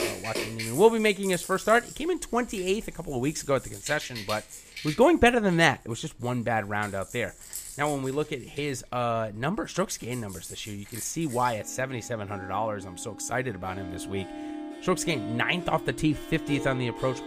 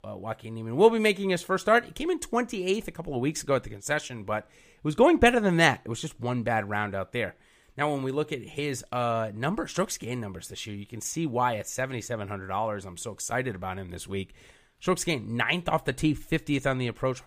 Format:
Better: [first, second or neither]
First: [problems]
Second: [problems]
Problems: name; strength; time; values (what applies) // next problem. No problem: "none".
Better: second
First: background music; noticeable; throughout; 10 dB below the speech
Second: none